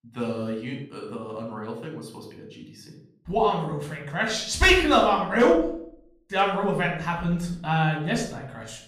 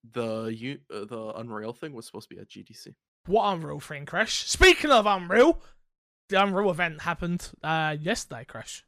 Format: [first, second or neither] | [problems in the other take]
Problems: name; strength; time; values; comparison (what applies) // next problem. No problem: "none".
second | off-mic speech; somewhat distant // room echo; slight; dies away in 0.5 s